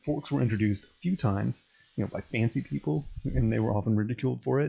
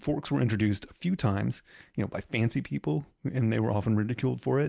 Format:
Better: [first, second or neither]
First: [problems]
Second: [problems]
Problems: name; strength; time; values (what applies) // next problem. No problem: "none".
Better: second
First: noise reduction (classical method log-MMSE)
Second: none